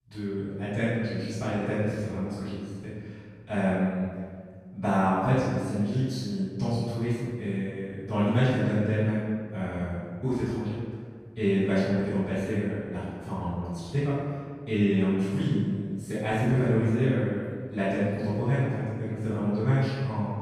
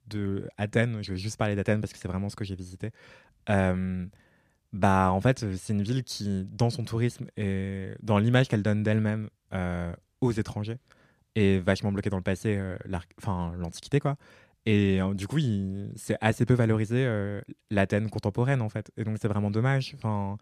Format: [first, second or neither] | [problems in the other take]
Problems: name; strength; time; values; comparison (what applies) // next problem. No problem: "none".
second | room echo; strong; dies away in 1.6 s // off-mic speech; far